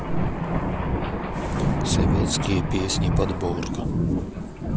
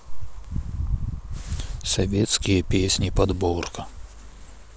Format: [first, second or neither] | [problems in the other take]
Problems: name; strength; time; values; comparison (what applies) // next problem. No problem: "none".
second | background sound (Thunder); 3 dB above the speech